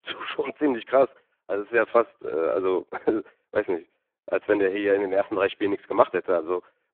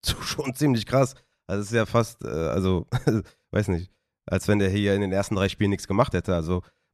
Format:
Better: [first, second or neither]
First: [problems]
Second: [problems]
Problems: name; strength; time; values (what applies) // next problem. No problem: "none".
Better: second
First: phone-call audio; poor line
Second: none